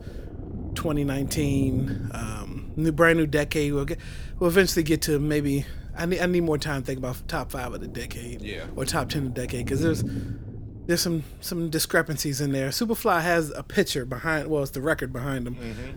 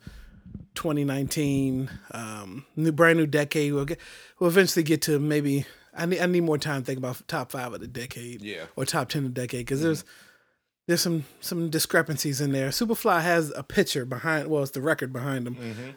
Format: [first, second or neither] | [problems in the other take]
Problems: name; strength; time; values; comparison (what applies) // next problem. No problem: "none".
second | low rumble; noticeable; throughout; 20 dB below the speech